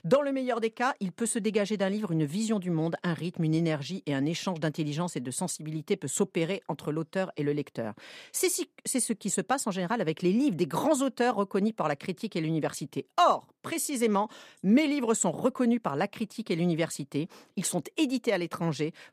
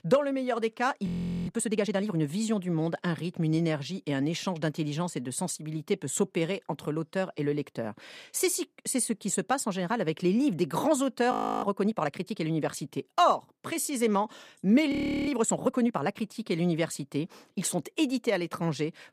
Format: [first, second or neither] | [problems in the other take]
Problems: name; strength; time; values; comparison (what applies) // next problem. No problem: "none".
first | audio freezing; at 1 s, at 11 s and at 15 s